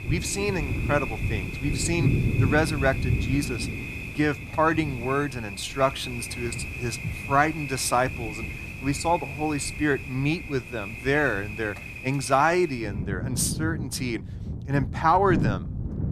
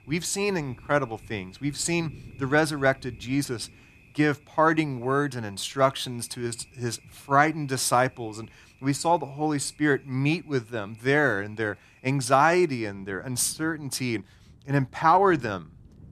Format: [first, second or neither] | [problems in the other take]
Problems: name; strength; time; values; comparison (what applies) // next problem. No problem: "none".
second | rain or running water; loud; throughout; 5 dB below the speech; faint in the second